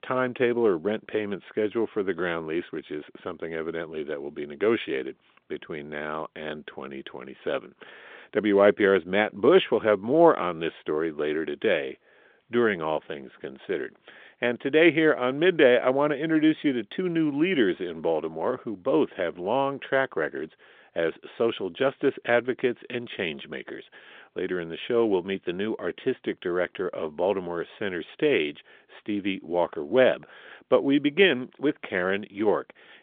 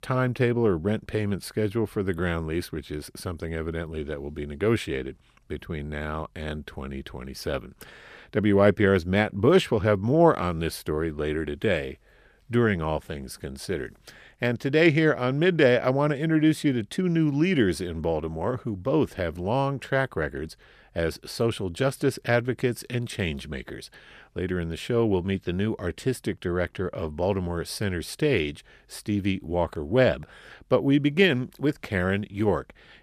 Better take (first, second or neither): second